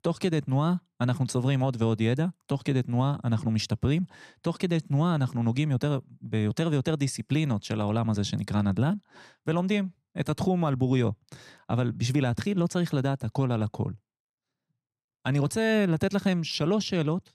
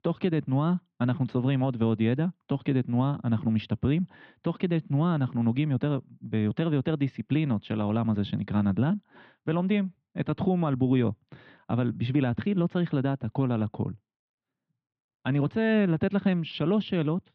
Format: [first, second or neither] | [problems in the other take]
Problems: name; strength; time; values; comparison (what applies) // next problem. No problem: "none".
first | muffled; very; fading above 3.5 kHz